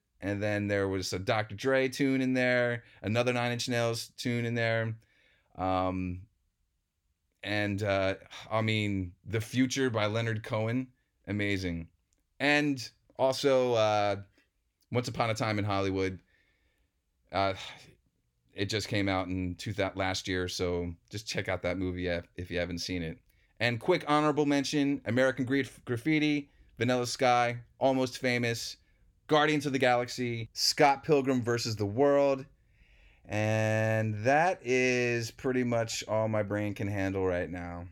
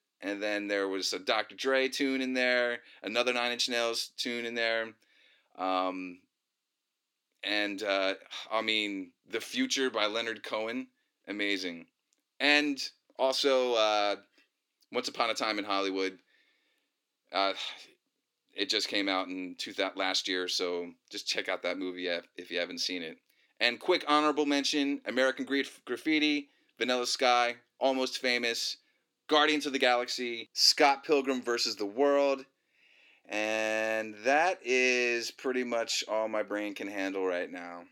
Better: first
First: none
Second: thin; very slightly; fading below 300 Hz

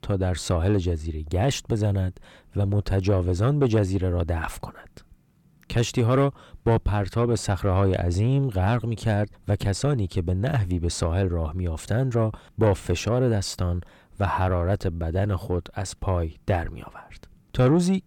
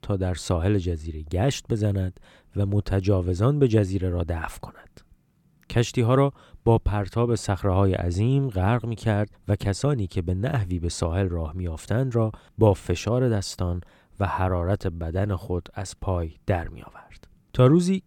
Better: second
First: distortion; slight; 10 dB below the speech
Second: none

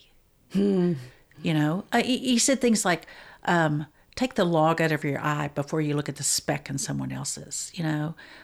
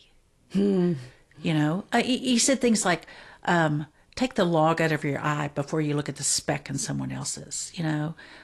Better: first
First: none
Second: garbled, watery; slightly

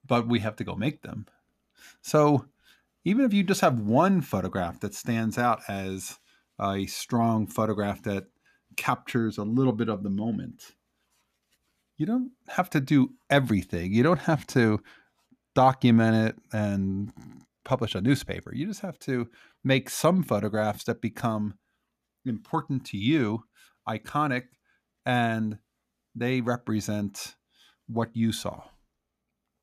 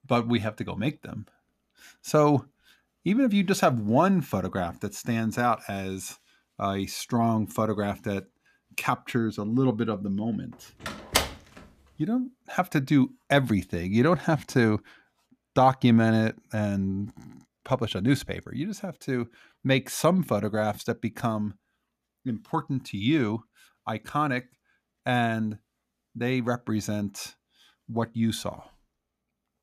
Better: first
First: none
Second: door banging; loud; at 11 s; peak 1 dB above the speech

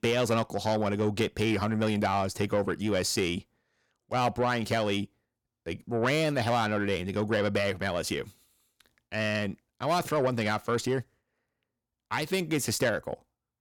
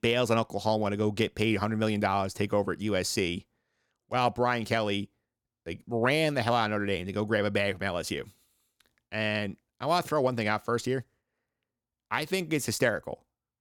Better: second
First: distortion; slight; 10 dB below the speech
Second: none

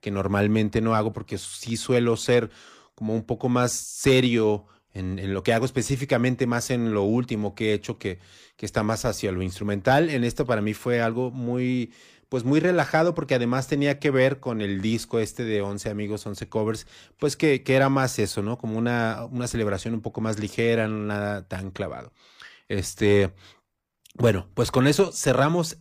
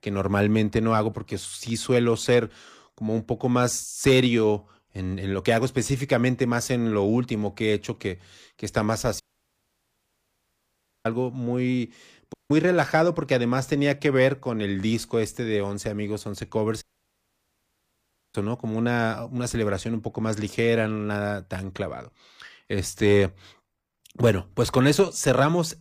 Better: first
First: none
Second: audio cutting out; at 9 s for 2 s, at 12 s and at 17 s for 1.5 s

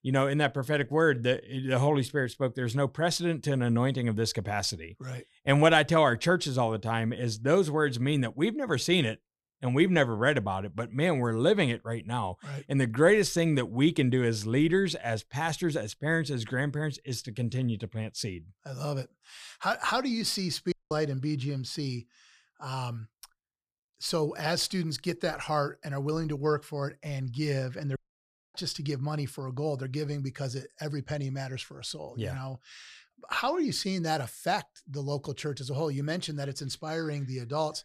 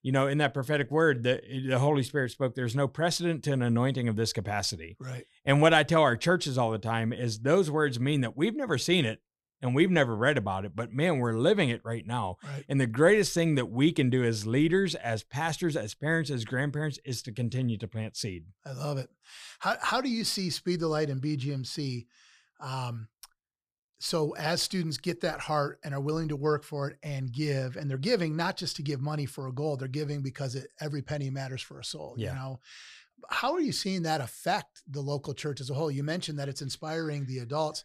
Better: second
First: audio cutting out; at 21 s and at 28 s for 0.5 s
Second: none

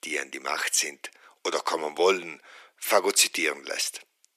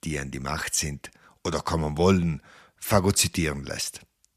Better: second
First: thin; very; fading below 350 Hz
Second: none

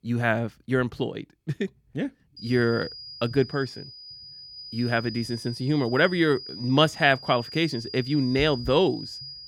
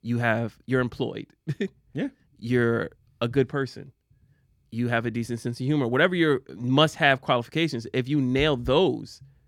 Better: second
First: high-pitched whine; noticeable; from 2.5 s on; 5 kHz, 15 dB below the speech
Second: none

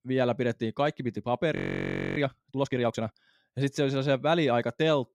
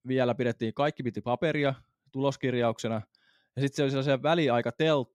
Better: second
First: audio freezing; at 1.5 s for 0.5 s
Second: none

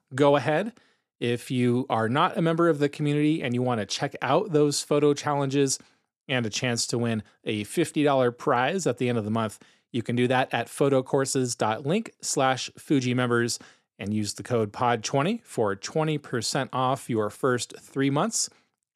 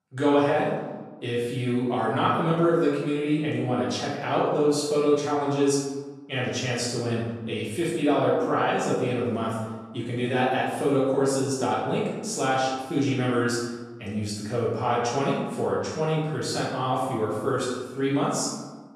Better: first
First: none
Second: room echo; noticeable; dies away in 1.1 s // off-mic speech; far

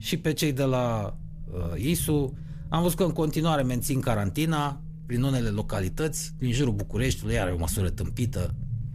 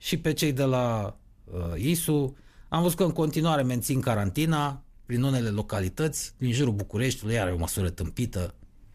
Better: second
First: low rumble; noticeable; throughout; 20 dB below the speech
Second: none

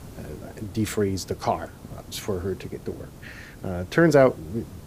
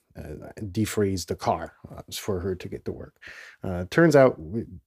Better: second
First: hiss; noticeable; throughout; 20 dB below the speech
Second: none

